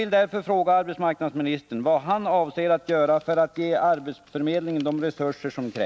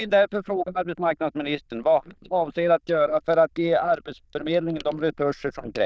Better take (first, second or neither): first